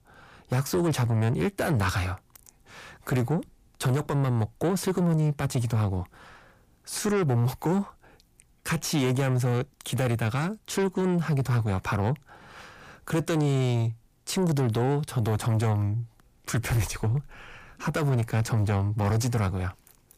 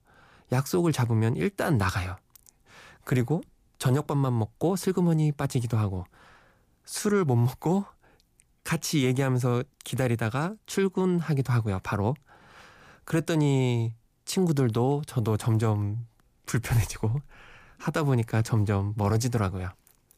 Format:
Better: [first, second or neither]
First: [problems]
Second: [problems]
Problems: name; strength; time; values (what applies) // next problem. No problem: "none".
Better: second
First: distortion; slight; 10 dB below the speech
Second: none